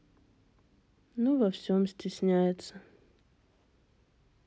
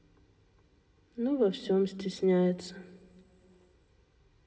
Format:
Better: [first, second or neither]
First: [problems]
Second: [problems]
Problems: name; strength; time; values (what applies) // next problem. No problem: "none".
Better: first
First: none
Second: room echo; dies away in 2 s